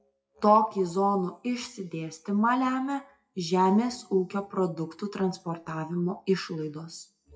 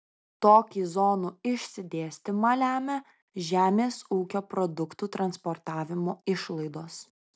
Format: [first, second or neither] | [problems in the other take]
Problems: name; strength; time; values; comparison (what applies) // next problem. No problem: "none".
second | noise reduction (classical method WPE with log-MMSE)